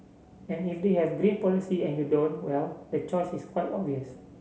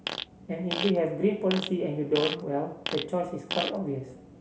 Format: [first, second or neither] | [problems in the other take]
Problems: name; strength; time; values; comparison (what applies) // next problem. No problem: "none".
first | background sound (Fart); 7 dB below the speech